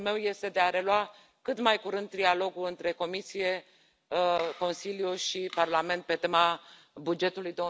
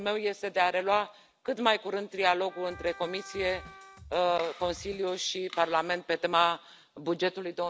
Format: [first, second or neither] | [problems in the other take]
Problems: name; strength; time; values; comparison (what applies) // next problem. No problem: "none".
first | background sound (Wind instrument, woodwind instrument + Drum kit); 19 dB below the speech